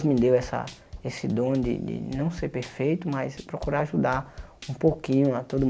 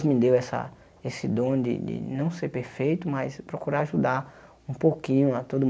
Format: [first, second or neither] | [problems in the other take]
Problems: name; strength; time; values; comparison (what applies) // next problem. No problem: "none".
second | background sound (Drum kit); 18 dB below the speech